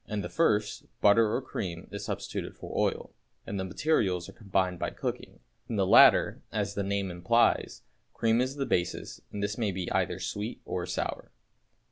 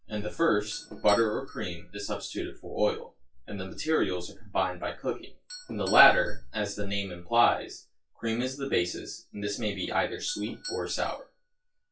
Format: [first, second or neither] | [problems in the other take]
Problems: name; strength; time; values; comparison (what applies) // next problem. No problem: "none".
first | noise reduction (classical method WPE with log-MMSE)